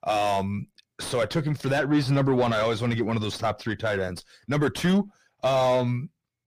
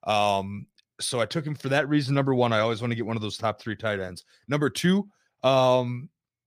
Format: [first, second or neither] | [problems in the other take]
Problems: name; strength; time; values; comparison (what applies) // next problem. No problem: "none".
second | distortion; heavy; 6 dB below the speech